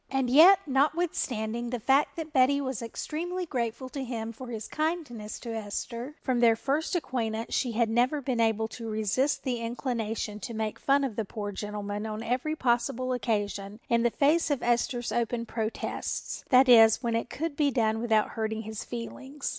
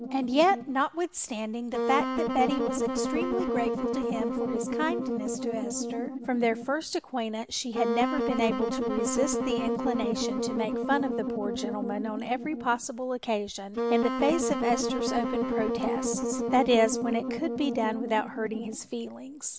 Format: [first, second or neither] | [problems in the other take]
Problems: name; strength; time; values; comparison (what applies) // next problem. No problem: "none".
first | background sound (Wind instrument, woodwind instrument); 1 dB below the speech